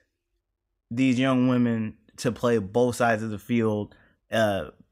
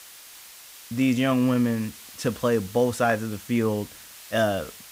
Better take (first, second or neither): first